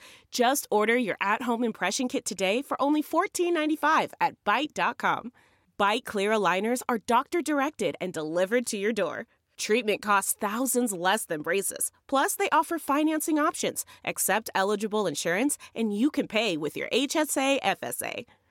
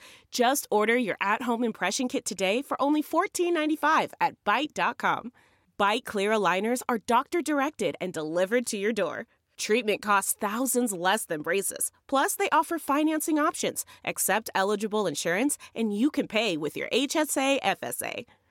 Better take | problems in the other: neither | none

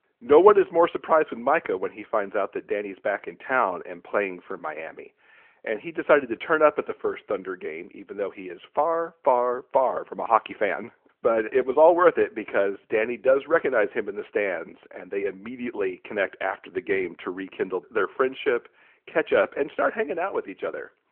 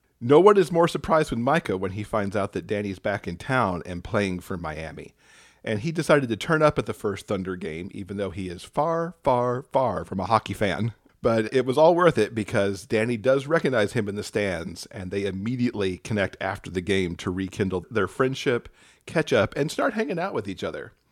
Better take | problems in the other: second | phone-call audio

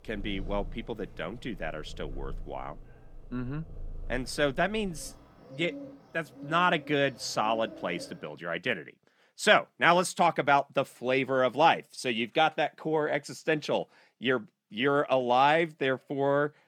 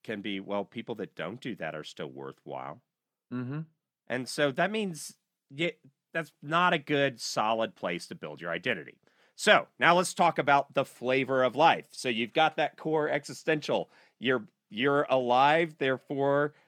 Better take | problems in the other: second | animal sounds; noticeable; until 8 s; 20 dB below the speech

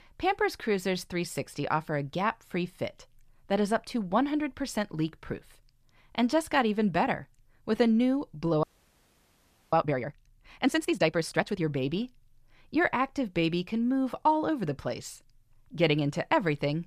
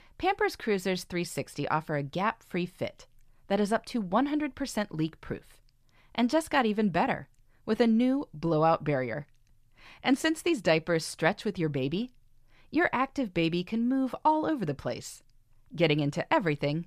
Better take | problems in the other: second | audio freezing; at 8.5 s for 1 s

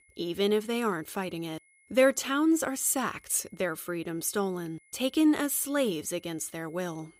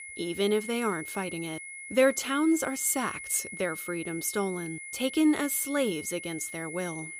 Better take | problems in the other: first | high-pitched whine; loud; throughout; 2 kHz, 10 dB below the speech; faint in the first

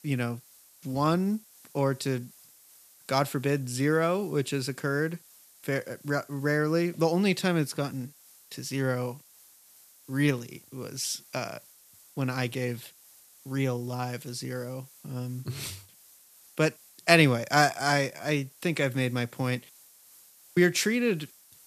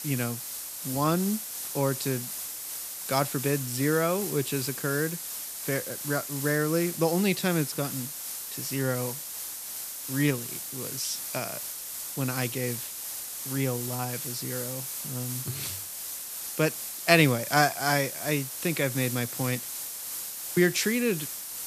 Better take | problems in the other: first | hiss; loud; throughout; 5 dB below the speech; faint in the first

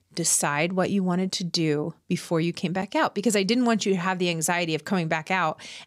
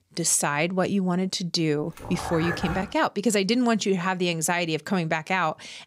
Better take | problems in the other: first | dog barking; noticeable; at 2 s; peak 6 dB below the speech

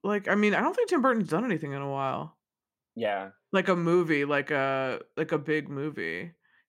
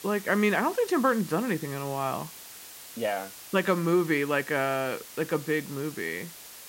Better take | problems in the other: first | hiss; noticeable; throughout; 15 dB below the speech

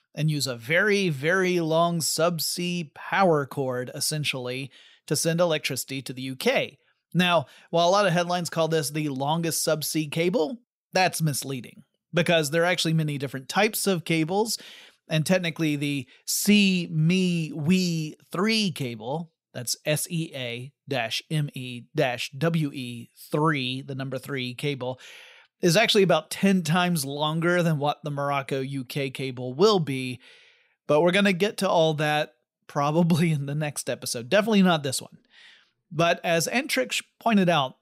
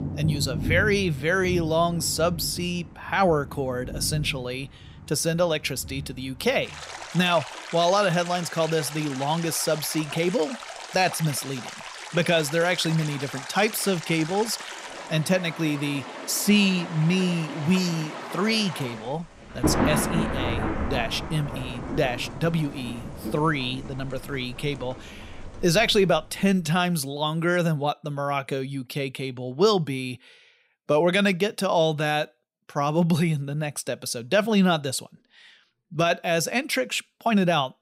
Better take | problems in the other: first | rain or running water; loud; until 26 s; 9 dB below the speech

